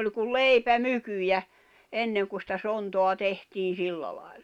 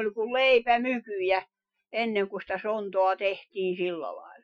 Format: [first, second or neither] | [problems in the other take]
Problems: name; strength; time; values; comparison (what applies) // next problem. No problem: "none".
first | noise reduction (classical method Wiener filter)